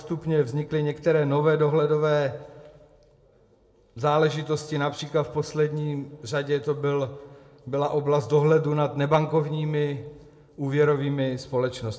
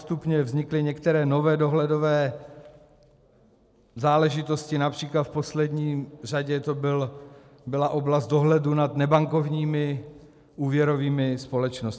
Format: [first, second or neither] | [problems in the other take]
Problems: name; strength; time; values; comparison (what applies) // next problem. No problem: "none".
second | room echo; dies away in 0.4 s